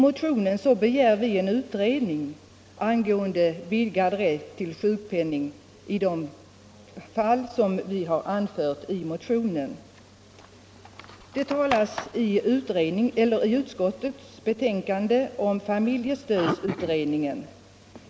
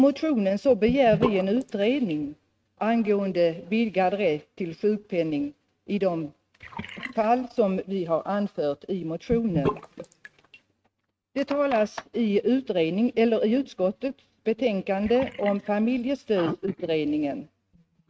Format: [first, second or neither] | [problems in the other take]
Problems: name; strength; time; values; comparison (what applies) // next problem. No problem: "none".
first | noise reduction (neural mask model RNNoise)